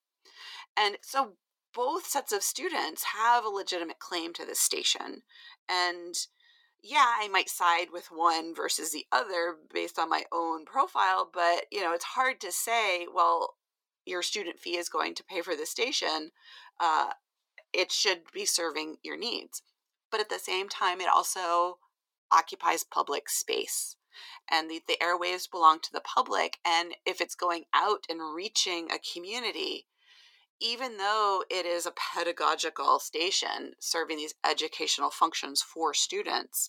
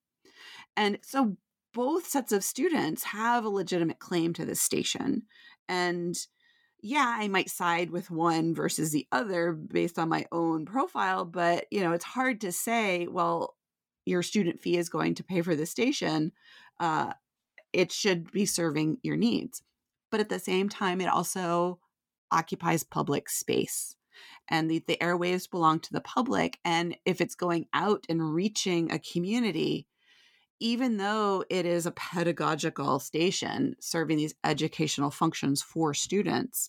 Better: second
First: thin; very; fading below 450 Hz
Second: none

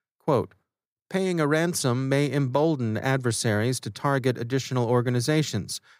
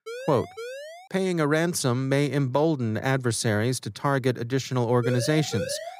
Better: first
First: none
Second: siren; faint; until 1 s; peak 10 dB below the speech // siren; noticeable; at 5 s; peak 7 dB below the speech

